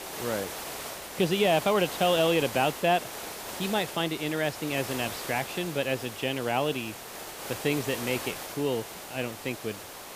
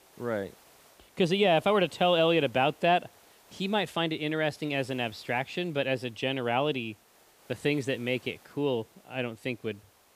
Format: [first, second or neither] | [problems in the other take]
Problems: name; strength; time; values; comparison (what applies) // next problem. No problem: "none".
second | hiss; loud; throughout; 8 dB below the speech; faint in the second